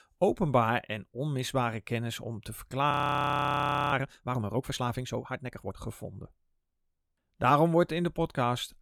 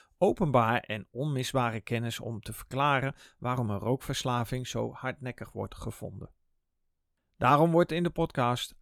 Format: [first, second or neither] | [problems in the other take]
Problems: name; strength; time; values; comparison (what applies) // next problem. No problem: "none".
second | audio freezing; at 3 s for 1 s